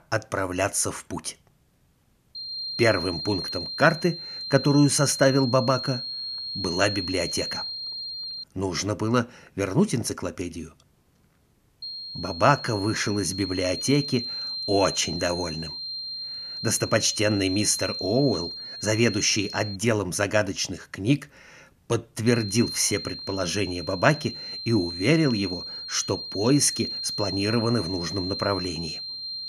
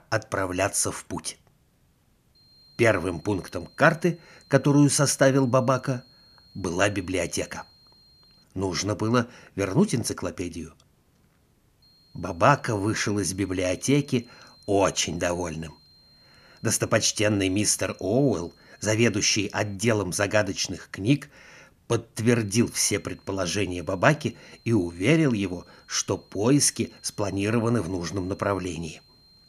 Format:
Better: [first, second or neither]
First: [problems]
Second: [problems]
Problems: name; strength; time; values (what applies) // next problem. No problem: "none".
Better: second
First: high-pitched whine; loud; from 2.5 to 8.5 s, from 12 to 20 s and from 22 s on; 4 kHz, 7 dB below the speech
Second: high-pitched whine; faint; from 2.5 to 8.5 s, from 12 to 20 s and from 22 s on; 4 kHz, 30 dB below the speech